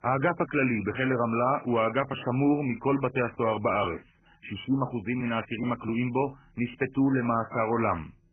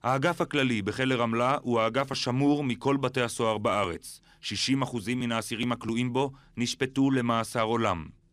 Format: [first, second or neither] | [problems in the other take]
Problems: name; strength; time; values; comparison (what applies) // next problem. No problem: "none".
second | garbled, watery; badly; nothing above 3 kHz